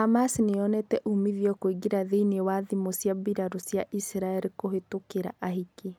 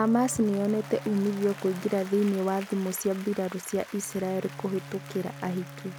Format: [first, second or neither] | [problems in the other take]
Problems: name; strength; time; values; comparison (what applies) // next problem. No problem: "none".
first | background sound (Bowed string instrument + Applause); 15 dB below the speech